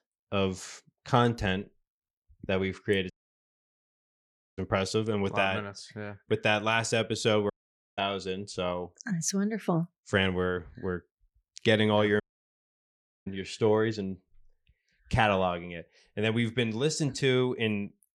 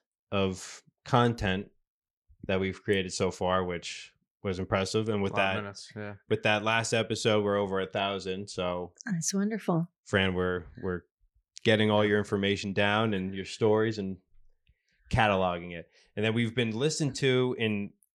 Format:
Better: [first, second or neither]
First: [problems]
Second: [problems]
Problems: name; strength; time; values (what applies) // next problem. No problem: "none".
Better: second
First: audio cutting out; at 3 s for 1.5 s, at 7.5 s and at 12 s for 1 s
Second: none